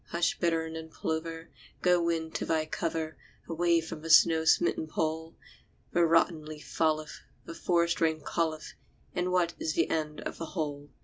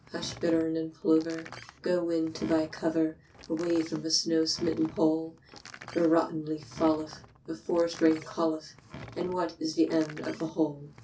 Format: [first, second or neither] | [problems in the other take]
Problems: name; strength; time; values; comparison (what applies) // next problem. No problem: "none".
first | background sound (Door); 19 dB below the speech // room echo; dies away in 0.3 s